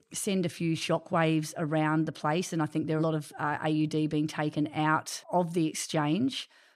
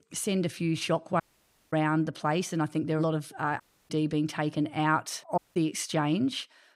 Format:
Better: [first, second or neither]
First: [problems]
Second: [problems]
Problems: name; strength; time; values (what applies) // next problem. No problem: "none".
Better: first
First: none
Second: audio cutting out; at 1 s for 0.5 s, at 3.5 s and at 5.5 s